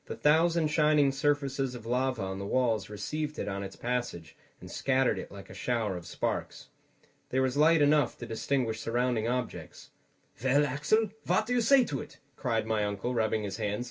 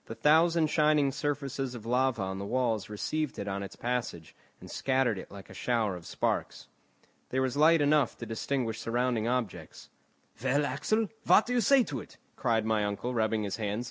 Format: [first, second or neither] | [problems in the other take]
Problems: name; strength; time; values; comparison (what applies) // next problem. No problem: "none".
second | room echo; dies away in 0.2 s